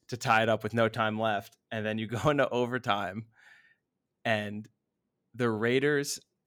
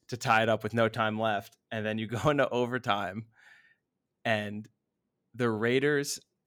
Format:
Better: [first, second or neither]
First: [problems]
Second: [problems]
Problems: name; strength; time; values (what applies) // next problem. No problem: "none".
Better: neither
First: none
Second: none